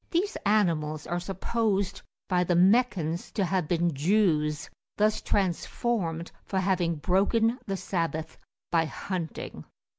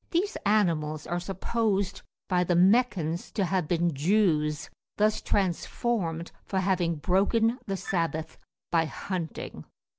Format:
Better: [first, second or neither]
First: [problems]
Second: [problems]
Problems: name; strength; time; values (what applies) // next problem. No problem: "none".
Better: first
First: none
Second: noise reduction (neural separator model SepFormer DNS4)